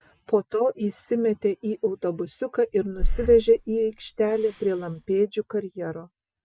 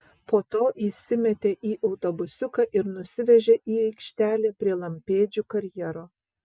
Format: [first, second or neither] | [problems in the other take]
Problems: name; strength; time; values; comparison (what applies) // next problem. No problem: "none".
second | background sound (Breathing); 5 dB below the speech